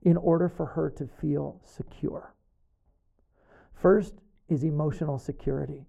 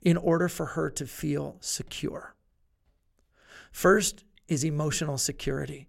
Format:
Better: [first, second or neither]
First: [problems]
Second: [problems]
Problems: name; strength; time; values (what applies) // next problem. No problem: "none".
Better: second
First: muffled; very; fading above 1.5 kHz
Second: none